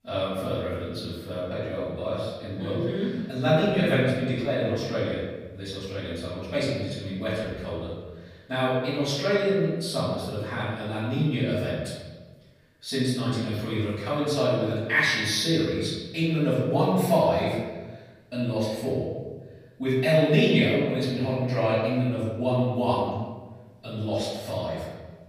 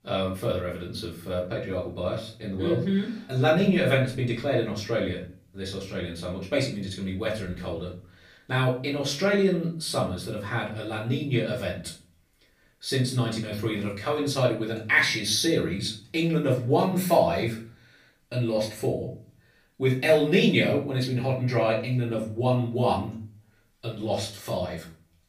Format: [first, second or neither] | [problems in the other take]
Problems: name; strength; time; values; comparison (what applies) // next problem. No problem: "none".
second | room echo; strong; dies away in 1.2 s; slight in the second // off-mic speech; far; far in the second